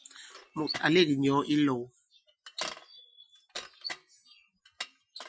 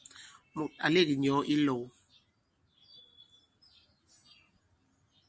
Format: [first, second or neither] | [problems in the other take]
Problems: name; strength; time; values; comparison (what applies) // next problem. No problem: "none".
second | noise reduction (classical method Wiener filter)